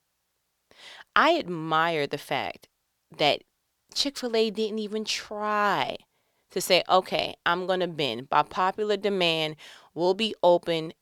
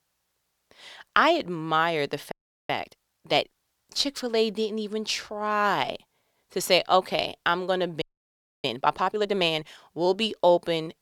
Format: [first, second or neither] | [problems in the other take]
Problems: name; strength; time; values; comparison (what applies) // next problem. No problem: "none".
first | audio freezing; at 2.5 s and at 8 s for 0.5 s